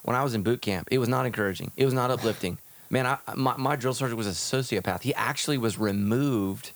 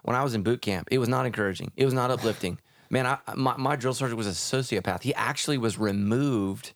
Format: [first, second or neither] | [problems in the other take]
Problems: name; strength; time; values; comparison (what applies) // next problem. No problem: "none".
second | hiss; noticeable; throughout; 15 dB below the speech